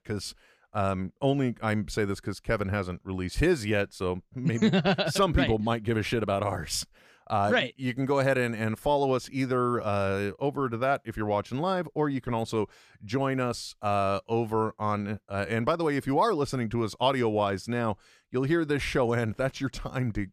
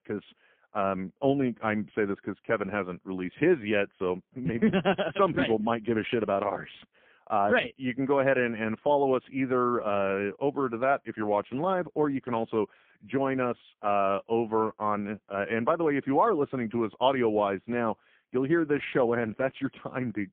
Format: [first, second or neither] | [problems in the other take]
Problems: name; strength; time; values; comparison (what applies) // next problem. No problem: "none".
first | phone-call audio; poor line; nothing above 3.5 kHz